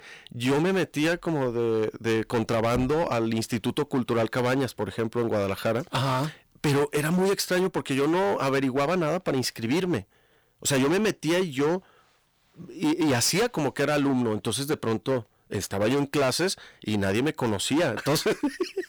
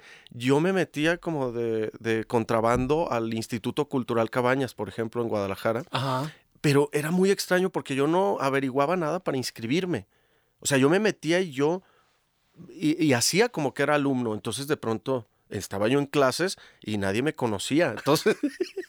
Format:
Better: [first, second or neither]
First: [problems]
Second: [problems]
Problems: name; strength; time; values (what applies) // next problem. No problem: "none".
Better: second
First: distortion; heavy; 16% of the sound clipped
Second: none